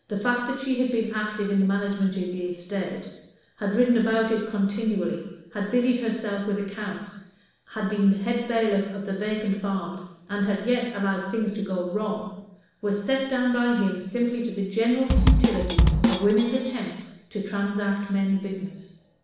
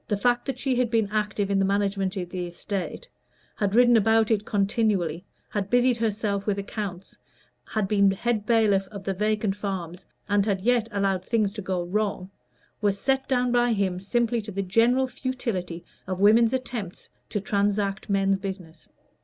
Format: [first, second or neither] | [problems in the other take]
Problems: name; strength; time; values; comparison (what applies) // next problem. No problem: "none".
second | background sound (Bass drum / Snare drum); 4 dB above the speech // room echo; dies away in 0.9 s